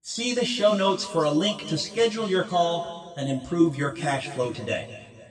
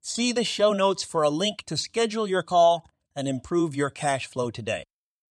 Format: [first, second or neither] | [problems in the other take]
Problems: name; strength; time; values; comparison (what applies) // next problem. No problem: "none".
second | room echo; noticeable; dies away in 1.8 s // off-mic speech; far